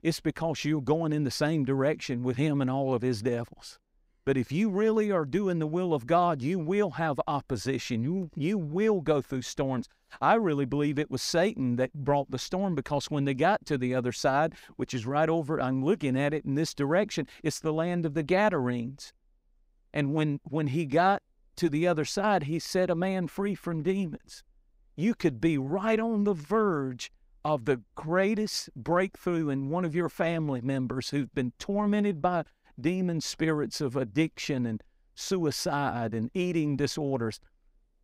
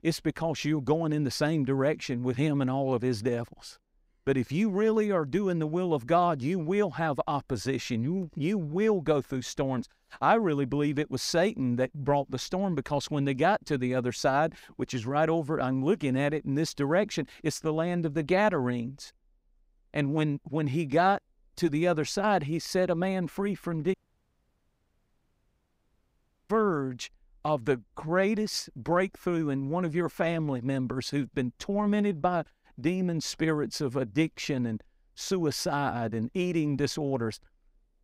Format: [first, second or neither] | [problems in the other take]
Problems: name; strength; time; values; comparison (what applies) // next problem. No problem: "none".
first | audio cutting out; at 24 s for 2.5 s